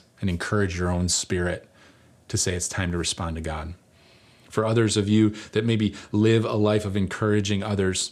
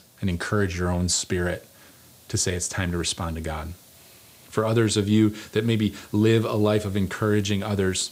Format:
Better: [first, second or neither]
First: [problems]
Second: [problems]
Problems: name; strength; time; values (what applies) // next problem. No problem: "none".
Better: first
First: none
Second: hiss; faint; throughout; 25 dB below the speech